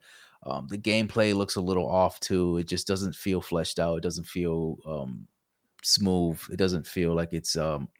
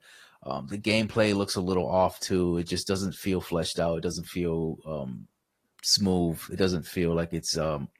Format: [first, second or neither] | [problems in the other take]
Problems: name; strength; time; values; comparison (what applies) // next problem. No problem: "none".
first | garbled, watery; slightly